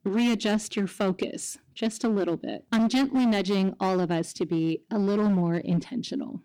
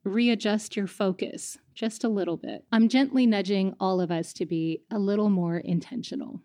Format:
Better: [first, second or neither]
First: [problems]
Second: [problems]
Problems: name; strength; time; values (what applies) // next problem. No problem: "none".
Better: second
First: distortion; slight; 13% of the sound clipped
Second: none